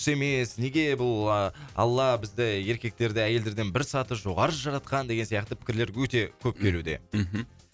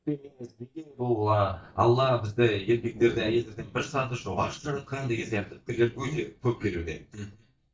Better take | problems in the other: first | noise reduction (neural mask model DeepFilterNet 3)

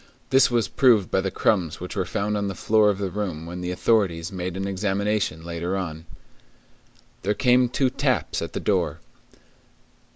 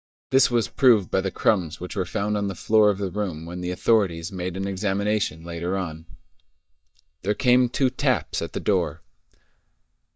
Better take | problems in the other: first | noise reduction (neural mask model DeepFilterNet 3)

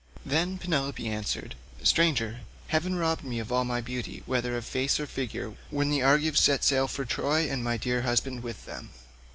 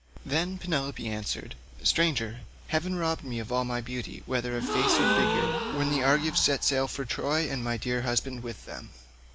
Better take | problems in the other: first | background sound (Gasp); 1 dB below the speech

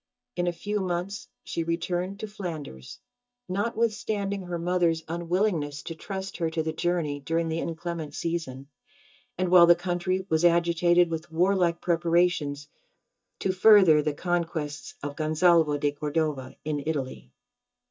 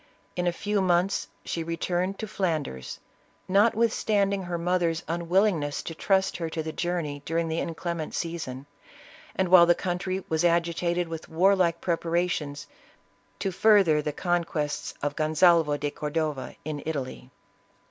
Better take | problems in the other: second | noise reduction (neural mask model DeepFilterNet 3)

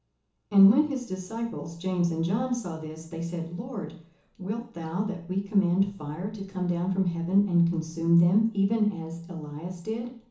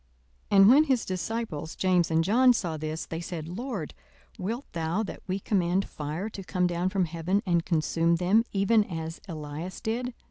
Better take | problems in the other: second | room echo; dies away in 0.8 s

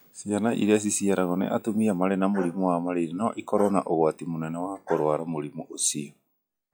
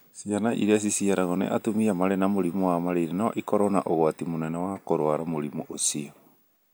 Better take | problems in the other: second | noise reduction (classical method log-MMSE)

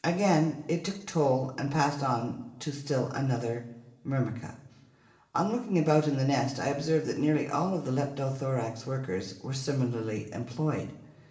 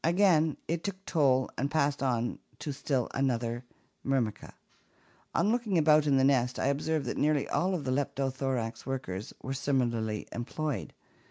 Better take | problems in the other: second | room echo; dies away in 0.8 s

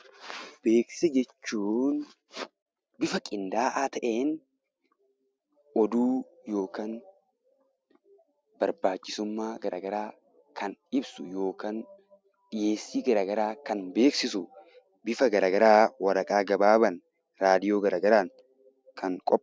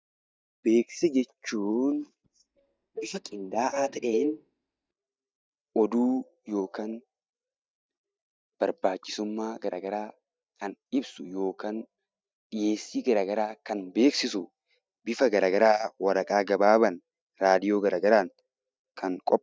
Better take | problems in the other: first | noise reduction (neural mask model DeepFilterNet 3)

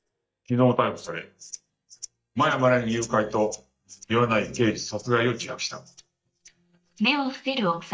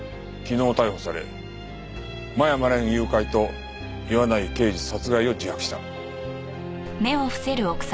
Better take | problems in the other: second | noise reduction (neural mask model DeepFilterNet 3)

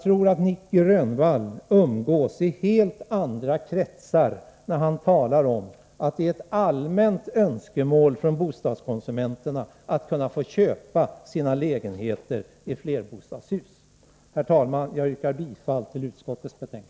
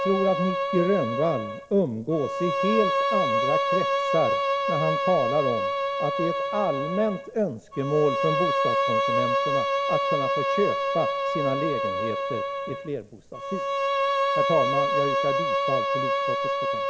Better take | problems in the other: first | background sound (Bowed string instrument); 3 dB above the speech

